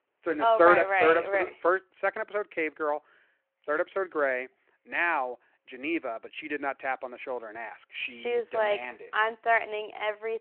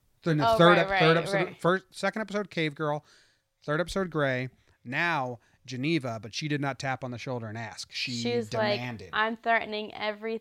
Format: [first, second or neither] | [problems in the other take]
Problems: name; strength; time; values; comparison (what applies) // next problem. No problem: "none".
second | phone-call audio